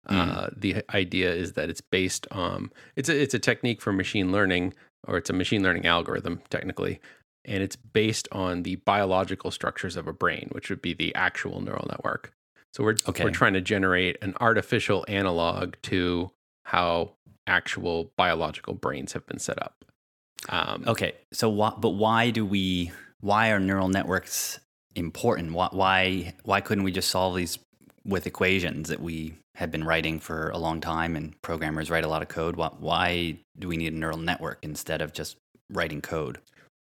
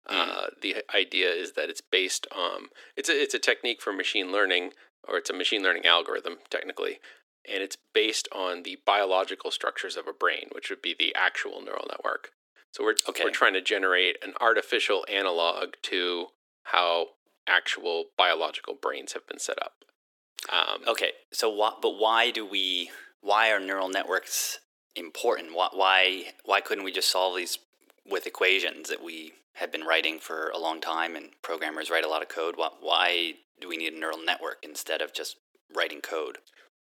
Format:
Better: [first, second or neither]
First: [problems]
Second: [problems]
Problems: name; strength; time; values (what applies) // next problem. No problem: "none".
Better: first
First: none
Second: thin; very; fading below 350 Hz